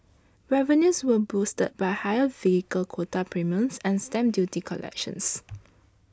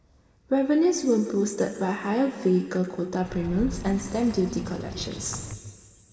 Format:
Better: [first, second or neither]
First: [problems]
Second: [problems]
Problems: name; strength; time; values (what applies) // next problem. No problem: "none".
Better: first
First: none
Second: background sound (Bird vocalization, bird call, bird song); 11 dB below the speech // room echo; dies away in 2.5 s